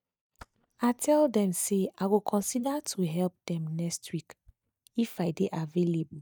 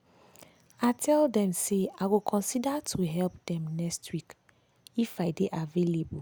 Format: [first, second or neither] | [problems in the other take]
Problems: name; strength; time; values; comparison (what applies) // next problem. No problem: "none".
second | noise reduction (neural mask model DeepFilterNet 3)